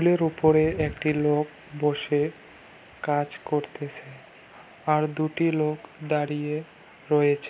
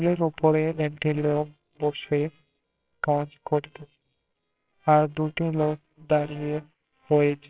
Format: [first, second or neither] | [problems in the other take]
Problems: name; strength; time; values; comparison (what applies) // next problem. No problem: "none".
first | noise reduction (neural separator model SepFormer WHAMR!)